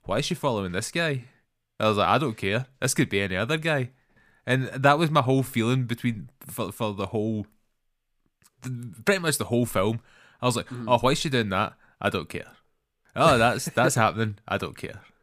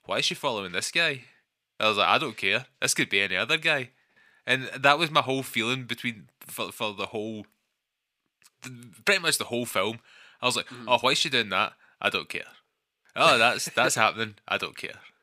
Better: first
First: none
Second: thin; somewhat; fading below 800 Hz

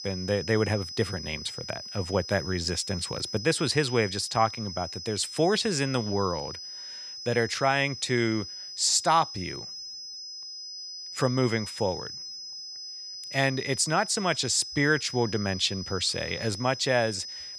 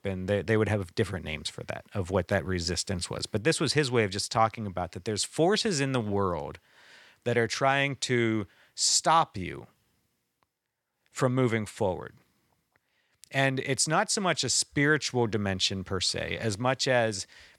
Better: second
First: high-pitched whine; loud; throughout; 5 kHz, 9 dB below the speech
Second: none

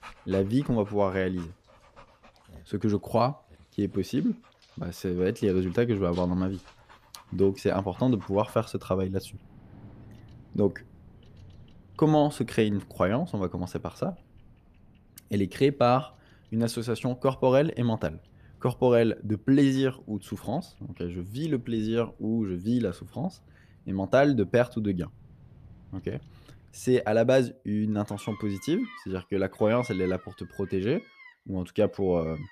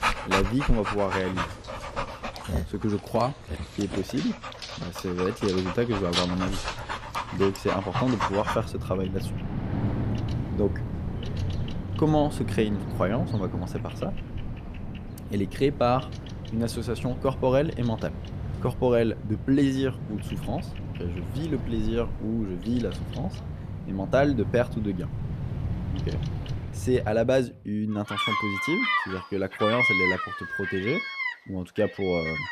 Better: first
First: animal sounds; faint; throughout; 25 dB below the speech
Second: animal sounds; loud; throughout; 4 dB below the speech

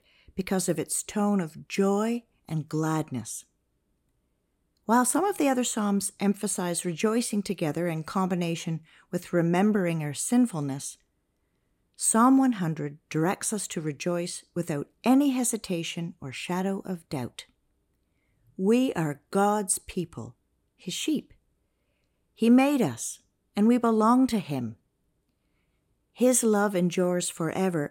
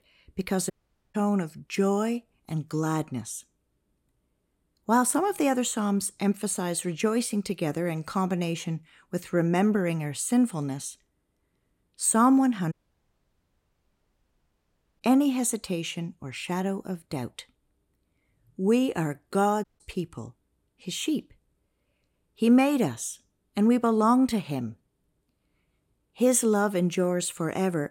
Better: first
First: none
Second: audio cutting out; at 0.5 s, at 13 s for 2.5 s and at 20 s

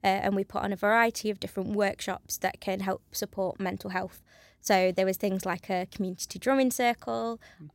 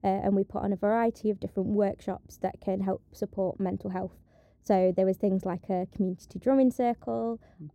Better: first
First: none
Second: muffled; very; fading above 1 kHz

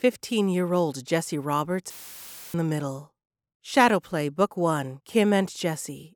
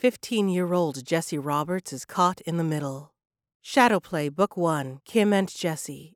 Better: second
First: audio cutting out; filled with static; at 2 s for 0.5 s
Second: none

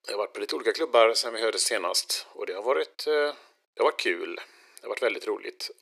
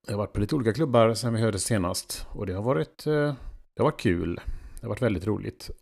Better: second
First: thin; very; fading below 400 Hz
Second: none

